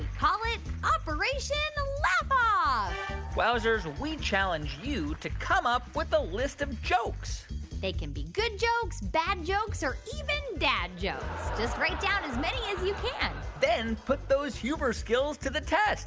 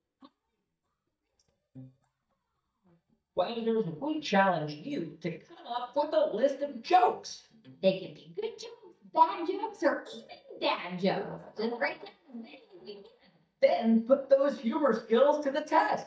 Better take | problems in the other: first | noise reduction (neural mask model DeepFilterNet 3)

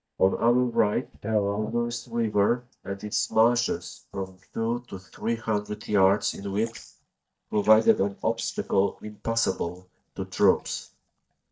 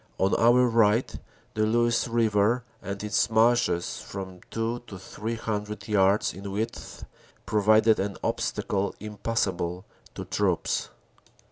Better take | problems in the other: second | noise reduction (neural mask model DeepFilterNet 3)

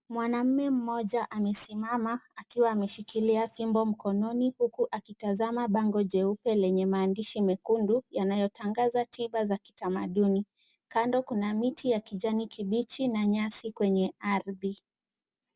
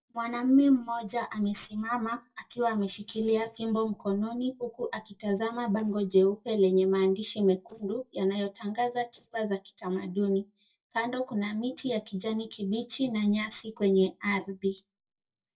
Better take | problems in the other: first | noise reduction (neural mask model DeepFilterNet 3)

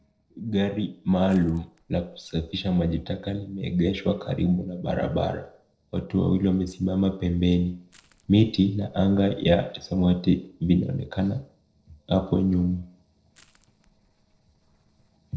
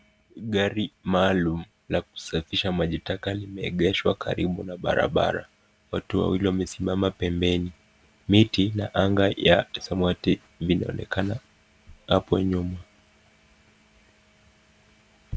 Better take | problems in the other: second | noise reduction (neural separator model SepFormer DNS4)

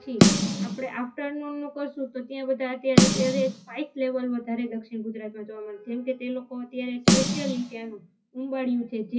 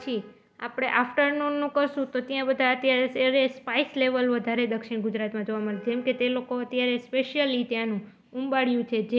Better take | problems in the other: second | noise reduction (classical method WPE with log-MMSE)

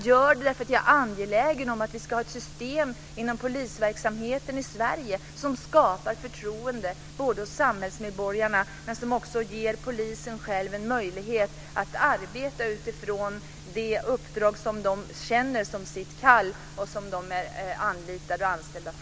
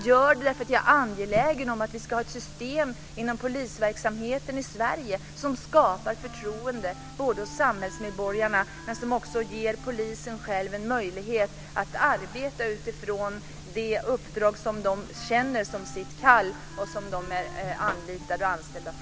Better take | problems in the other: first | background sound (Zipper (clothing) + Wind instrument, woodwind instrument); 17 dB below the speech

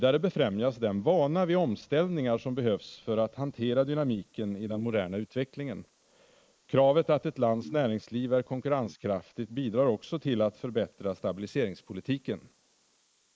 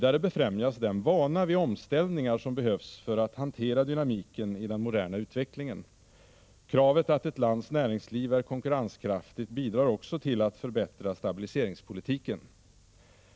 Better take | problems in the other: second | noise reduction (neural mask model Resemble Enhance denoiser)

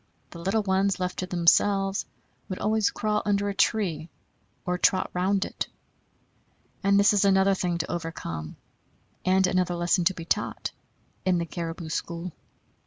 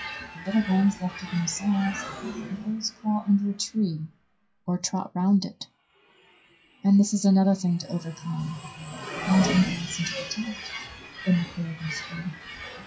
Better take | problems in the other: first | noise reduction (classical method WPE with log-MMSE)

